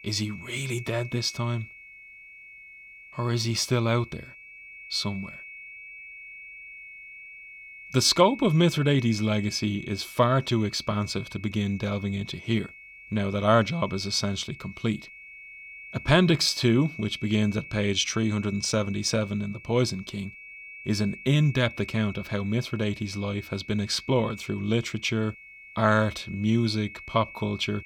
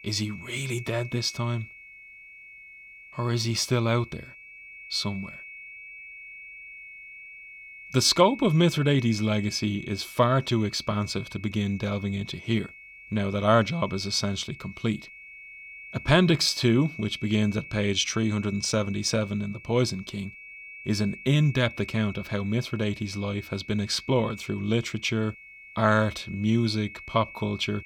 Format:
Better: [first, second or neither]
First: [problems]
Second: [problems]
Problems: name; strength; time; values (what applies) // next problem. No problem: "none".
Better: neither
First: high-pitched whine; noticeable; throughout; 2 kHz, 15 dB below the speech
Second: high-pitched whine; noticeable; throughout; 2 kHz, 15 dB below the speech